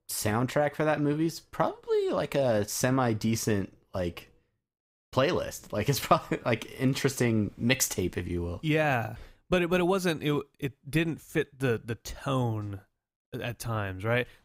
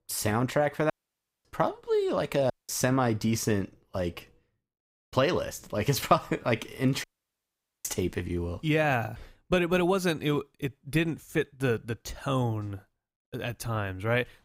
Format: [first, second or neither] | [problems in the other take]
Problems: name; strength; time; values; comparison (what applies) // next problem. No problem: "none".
first | audio cutting out; at 1 s for 0.5 s, at 2.5 s and at 7 s for 1 s